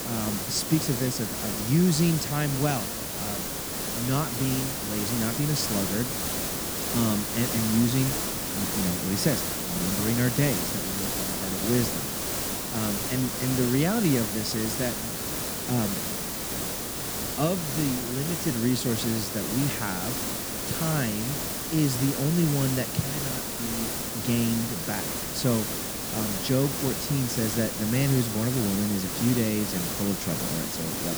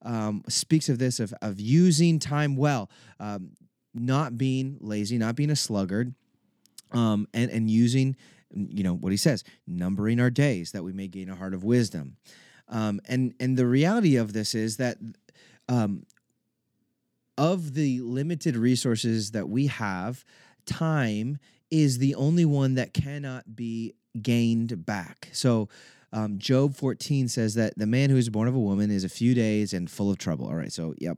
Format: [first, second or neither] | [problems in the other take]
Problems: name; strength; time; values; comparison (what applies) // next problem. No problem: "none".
second | hiss; loud; throughout; 1 dB below the speech